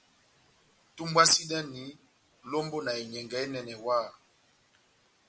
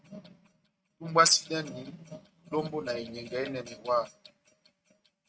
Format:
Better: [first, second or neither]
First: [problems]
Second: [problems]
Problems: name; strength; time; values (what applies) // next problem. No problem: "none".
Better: first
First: none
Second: noise reduction (neural mask model RNNoise)